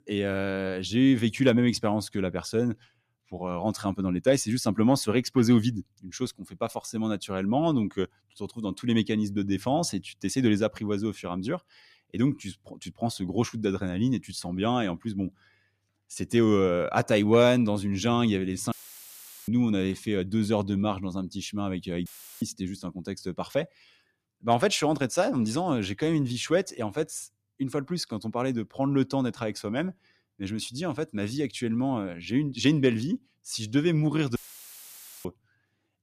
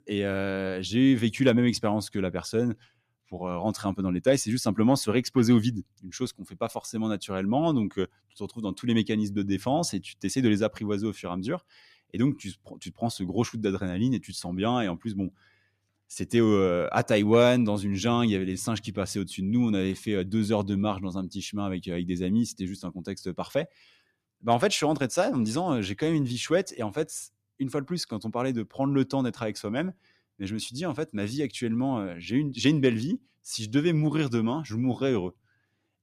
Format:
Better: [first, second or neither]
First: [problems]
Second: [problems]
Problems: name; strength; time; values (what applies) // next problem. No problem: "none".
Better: second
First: audio cutting out; filled with static; at 19 s for 1 s, at 22 s and at 34 s for 1 s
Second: none